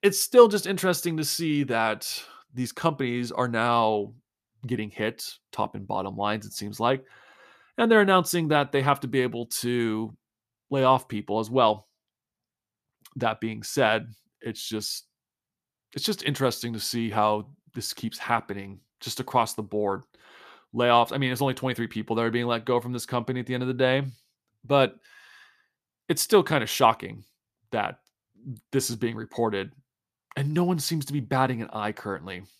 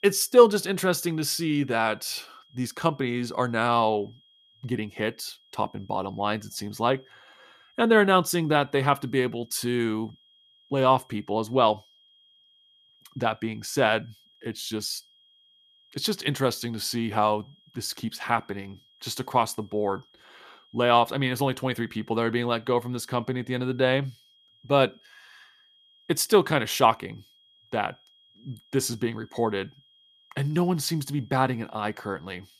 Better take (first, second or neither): first